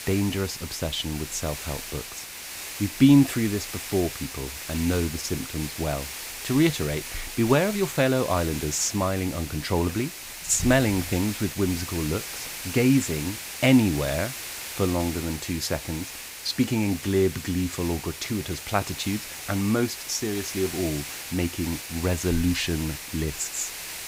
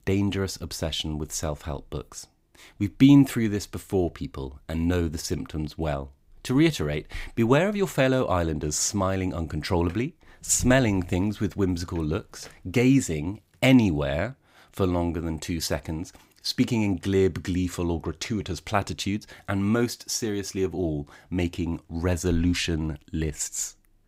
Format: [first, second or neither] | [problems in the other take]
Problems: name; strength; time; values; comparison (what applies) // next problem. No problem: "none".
second | hiss; loud; throughout; 8 dB below the speech